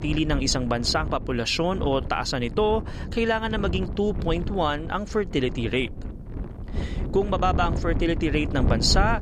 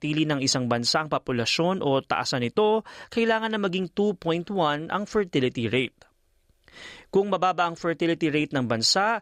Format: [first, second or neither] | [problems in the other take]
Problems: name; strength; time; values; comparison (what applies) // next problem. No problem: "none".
second | wind noise on the microphone; occasional gusts; 15 dB below the speech